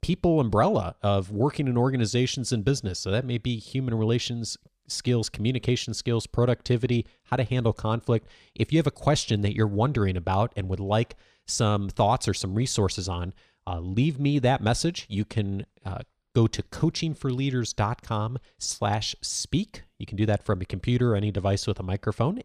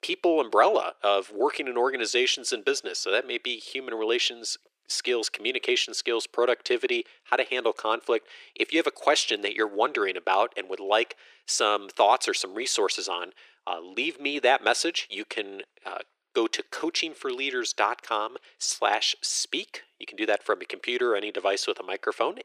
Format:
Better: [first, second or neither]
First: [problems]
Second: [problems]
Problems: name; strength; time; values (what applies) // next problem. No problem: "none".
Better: first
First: none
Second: thin; very; fading below 350 Hz